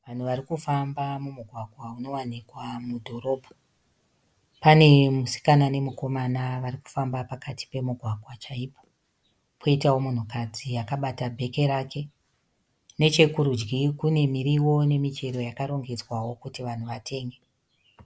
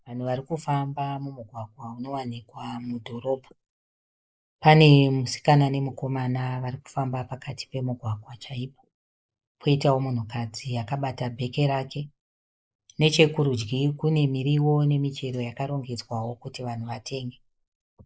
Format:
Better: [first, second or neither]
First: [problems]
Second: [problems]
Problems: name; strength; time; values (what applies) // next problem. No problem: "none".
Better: first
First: none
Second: noise reduction (neural mask model Resemble Enhance denoiser)